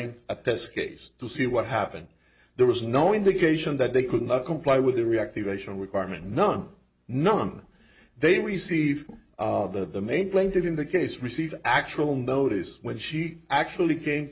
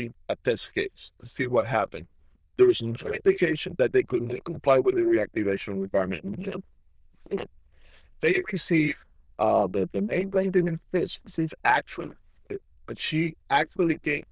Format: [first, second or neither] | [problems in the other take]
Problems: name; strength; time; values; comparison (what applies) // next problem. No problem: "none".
first | noise reduction (neural diffusion model UNIVERSE++)